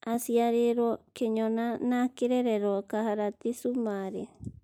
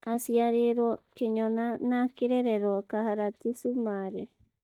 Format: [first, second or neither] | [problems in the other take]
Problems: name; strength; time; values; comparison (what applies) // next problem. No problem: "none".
first | noise reduction (neural mask model DeepFilterNet 3)